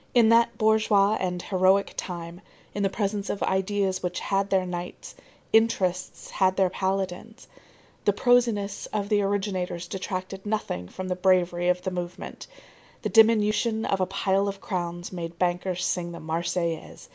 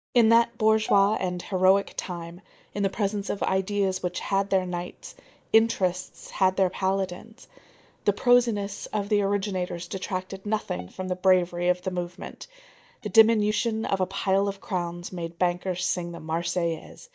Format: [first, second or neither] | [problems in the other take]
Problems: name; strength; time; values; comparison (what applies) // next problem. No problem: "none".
first | noise reduction (neural mask model DeepFilterNet 3)